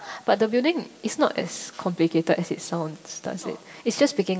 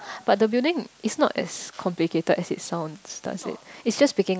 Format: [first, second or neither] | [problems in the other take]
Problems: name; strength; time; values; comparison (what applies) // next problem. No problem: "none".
second | room echo; dies away in 2.4 s